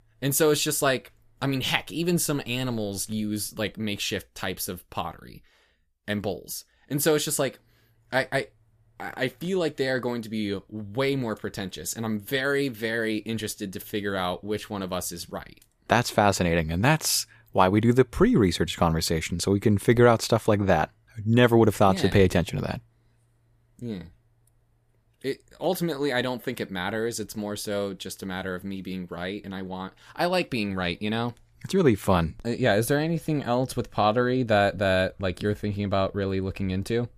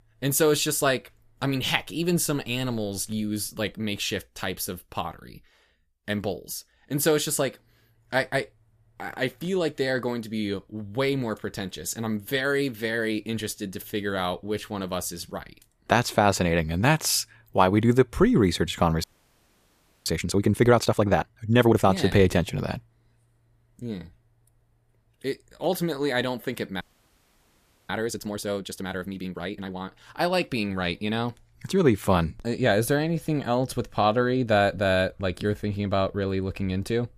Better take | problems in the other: first | audio freezing; at 19 s for 1 s and at 27 s for 1 s

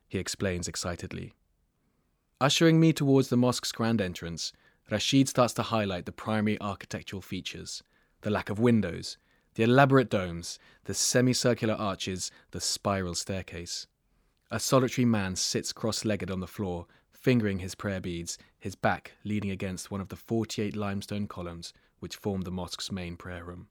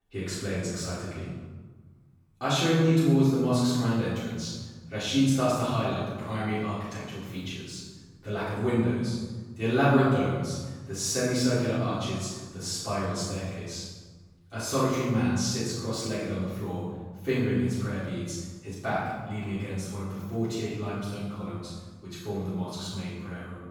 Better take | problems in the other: first | off-mic speech; far // room echo; strong; dies away in 1.2 s

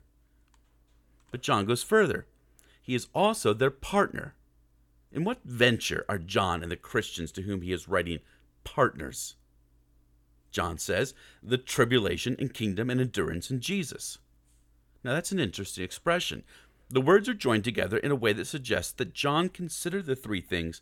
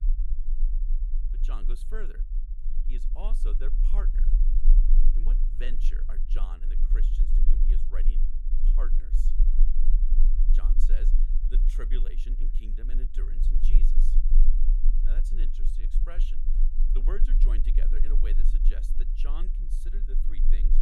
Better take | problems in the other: first | low rumble; loud; throughout; 7 dB below the speech

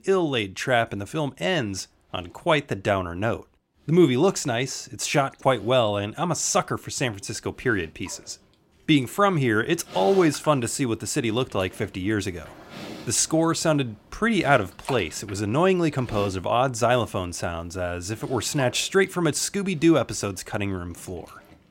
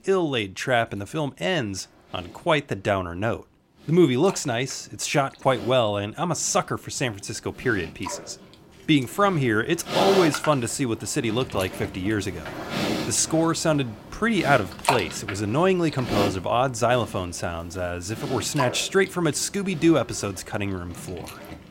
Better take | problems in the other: first | animal sounds; loud; throughout; 8 dB below the speech; faint in the first

